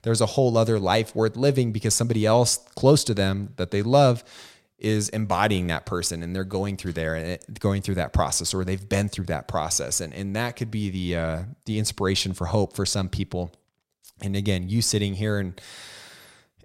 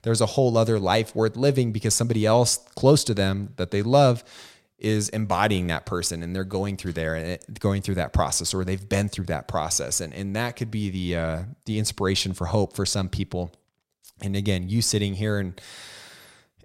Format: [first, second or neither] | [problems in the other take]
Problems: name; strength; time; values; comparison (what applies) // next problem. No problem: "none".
neither | none